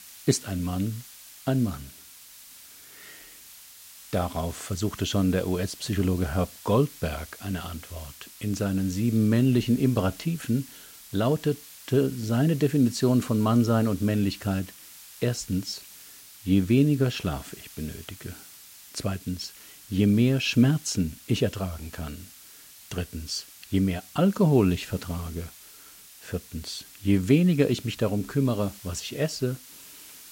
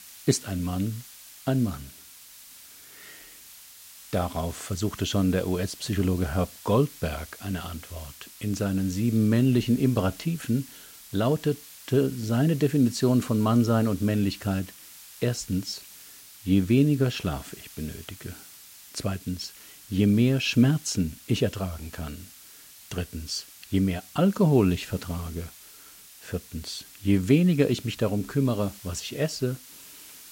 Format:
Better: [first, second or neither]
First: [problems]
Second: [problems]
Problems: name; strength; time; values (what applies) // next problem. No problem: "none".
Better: neither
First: hiss; noticeable; throughout; 20 dB below the speech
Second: hiss; noticeable; throughout; 20 dB below the speech